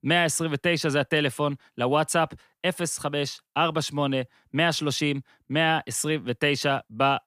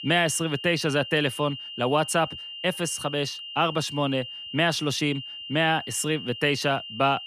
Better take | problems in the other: first | high-pitched whine; loud; throughout; 3 kHz, 10 dB below the speech

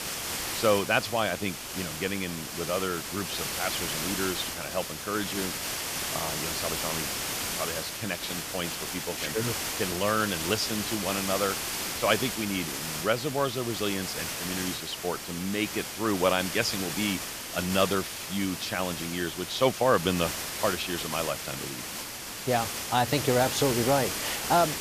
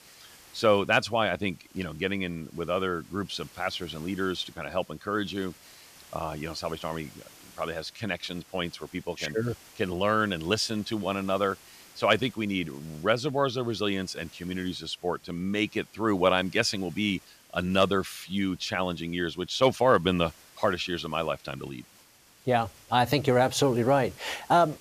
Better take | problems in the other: second | hiss; loud; throughout; 2 dB below the speech; faint in the second

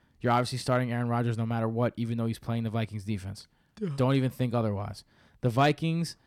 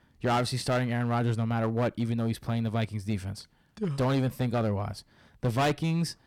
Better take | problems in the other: first | distortion; slight; 9% of the sound clipped

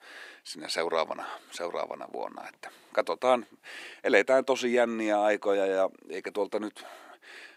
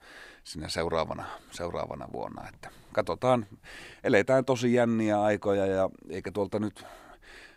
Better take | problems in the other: second | thin; very slightly; fading below 300 Hz

